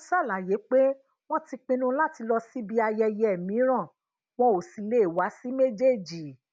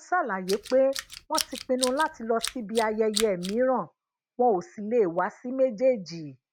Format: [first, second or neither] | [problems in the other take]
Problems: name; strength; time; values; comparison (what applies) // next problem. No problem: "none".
first | background sound (Tools); 10 dB below the speech